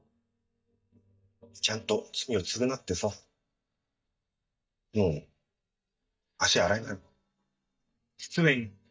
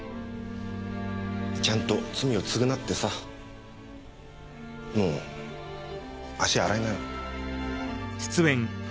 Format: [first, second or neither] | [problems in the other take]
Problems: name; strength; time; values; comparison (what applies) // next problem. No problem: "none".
second | noise reduction (neural mask model DeepFilterNet 3)